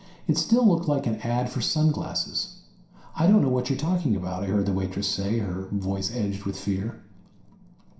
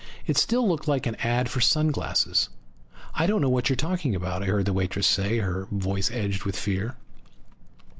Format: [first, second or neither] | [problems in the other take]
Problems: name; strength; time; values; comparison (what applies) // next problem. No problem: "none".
second | room echo; dies away in 0.5 s